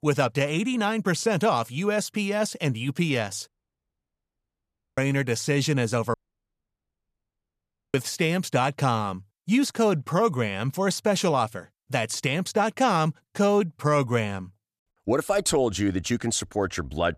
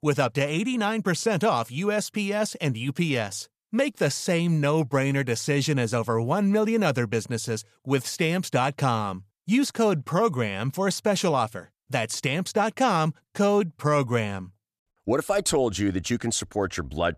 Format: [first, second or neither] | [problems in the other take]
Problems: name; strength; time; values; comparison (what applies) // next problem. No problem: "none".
second | audio cutting out; at 3.5 s for 1.5 s and at 6 s for 2 s